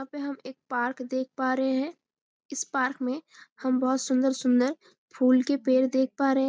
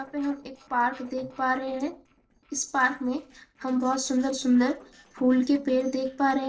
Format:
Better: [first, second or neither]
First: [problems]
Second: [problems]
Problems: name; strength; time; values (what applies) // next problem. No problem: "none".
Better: first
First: none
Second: noise reduction (neural separator model SepFormer DNS4)